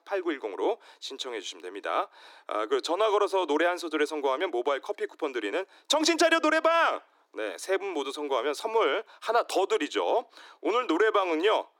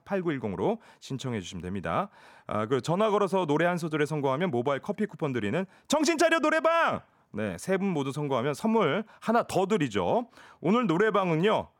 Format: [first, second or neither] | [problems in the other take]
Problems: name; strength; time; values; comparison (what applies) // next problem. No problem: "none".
second | thin; somewhat; fading below 300 Hz